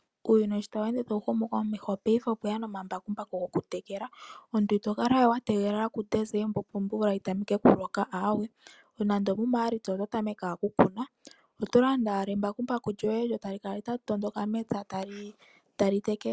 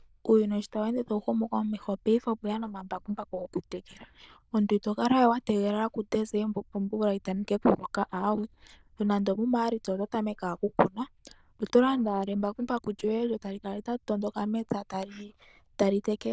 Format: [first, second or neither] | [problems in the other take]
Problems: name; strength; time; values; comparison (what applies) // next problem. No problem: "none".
first | noise reduction (neural diffusion model UNIVERSE++)